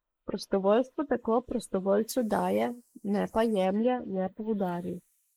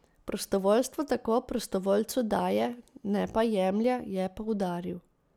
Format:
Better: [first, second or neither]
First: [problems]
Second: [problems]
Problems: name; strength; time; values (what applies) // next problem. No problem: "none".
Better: second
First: noise reduction (neural mask model Resemble Enhance denoiser)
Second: none